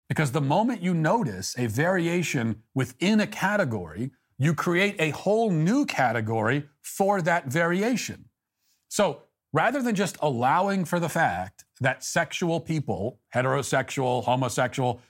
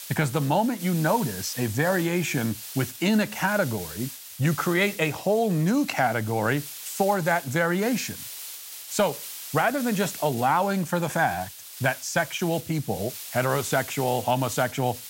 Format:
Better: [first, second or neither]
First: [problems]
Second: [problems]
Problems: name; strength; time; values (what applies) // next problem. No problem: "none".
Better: first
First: none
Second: hiss; noticeable; throughout; 10 dB below the speech